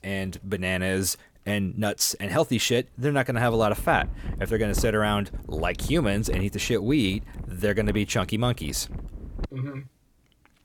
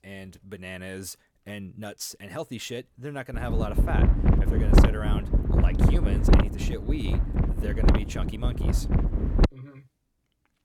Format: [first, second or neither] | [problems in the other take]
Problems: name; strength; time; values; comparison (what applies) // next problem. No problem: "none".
first | wind noise on the microphone; heavy; from 3.5 to 9.5 s; 4 dB above the speech; occasional gusts in the first